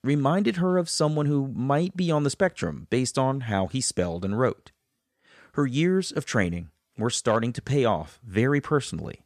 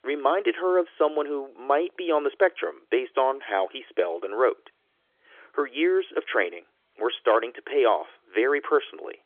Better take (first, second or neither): first